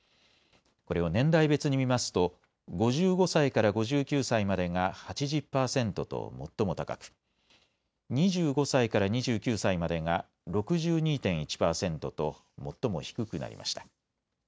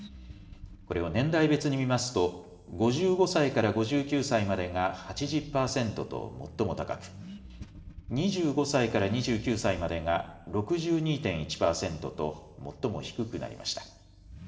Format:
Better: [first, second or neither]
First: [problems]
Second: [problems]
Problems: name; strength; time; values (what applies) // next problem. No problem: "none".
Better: first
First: none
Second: background sound (Accelerating, revving, vroom / Car); 20 dB below the speech // room echo; dies away in 1.1 s